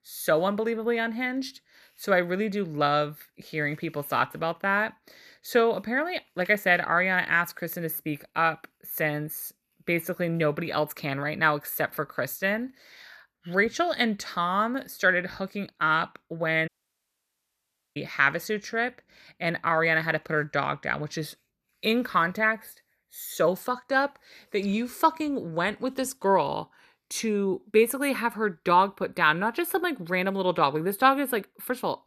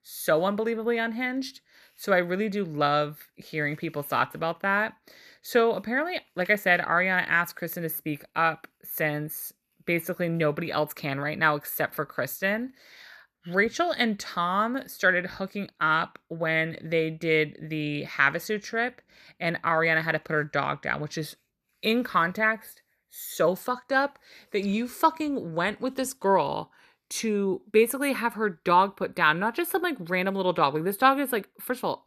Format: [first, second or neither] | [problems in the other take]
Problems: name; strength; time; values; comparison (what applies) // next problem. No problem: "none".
second | audio cutting out; at 17 s for 1.5 s